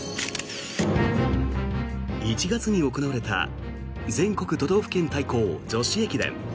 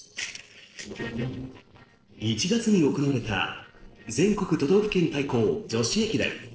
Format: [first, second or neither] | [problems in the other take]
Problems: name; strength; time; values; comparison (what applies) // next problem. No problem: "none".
first | noise reduction (neural separator model SepFormer DNS4)